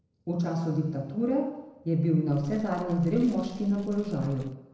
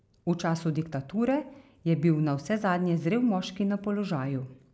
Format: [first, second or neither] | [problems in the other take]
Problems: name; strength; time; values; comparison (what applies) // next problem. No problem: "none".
second | noise reduction (neural separator model SepFormer DNS4)